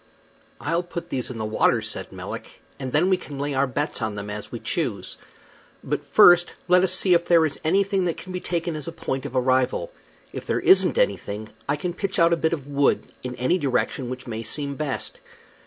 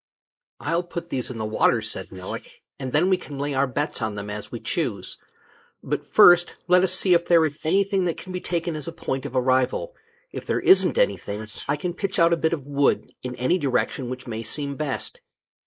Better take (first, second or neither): first